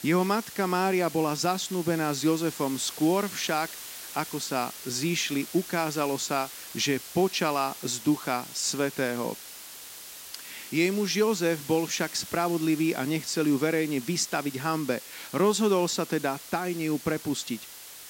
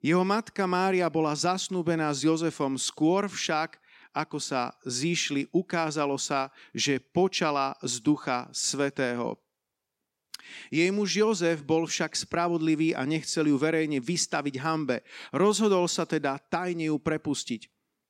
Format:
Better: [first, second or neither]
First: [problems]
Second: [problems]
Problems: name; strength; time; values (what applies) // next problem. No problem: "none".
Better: second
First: hiss; noticeable; throughout; 10 dB below the speech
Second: none